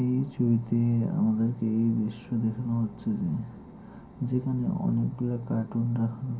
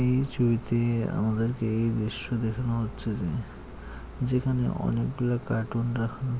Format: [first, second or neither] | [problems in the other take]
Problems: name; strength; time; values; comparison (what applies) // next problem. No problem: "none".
second | room echo; dies away in 0.3 s